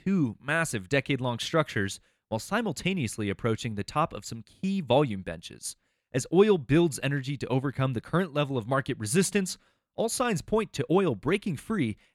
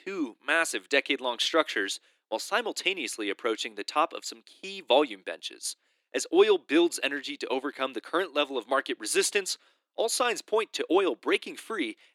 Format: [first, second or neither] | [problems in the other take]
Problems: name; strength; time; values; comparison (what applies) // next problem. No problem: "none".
first | thin; somewhat; fading below 300 Hz